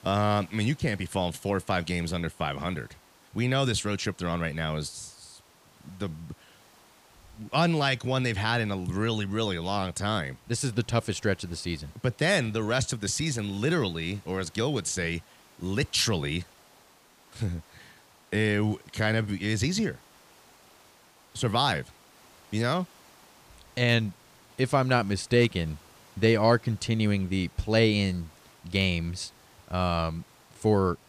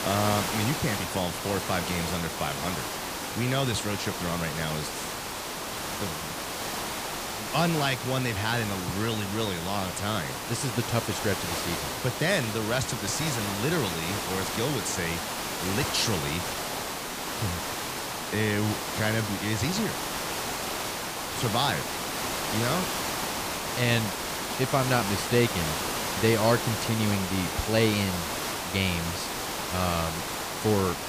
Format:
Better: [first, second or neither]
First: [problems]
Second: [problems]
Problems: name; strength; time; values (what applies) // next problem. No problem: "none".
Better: first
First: hiss; faint; throughout; 30 dB below the speech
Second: hiss; loud; throughout; 2 dB below the speech